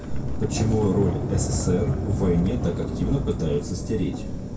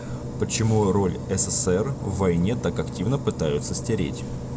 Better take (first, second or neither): second